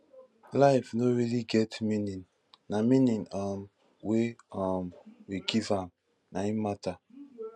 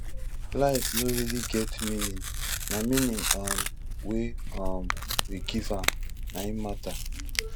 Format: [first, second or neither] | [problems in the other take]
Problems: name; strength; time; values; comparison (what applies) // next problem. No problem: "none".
first | background sound (Tearing); 2 dB above the speech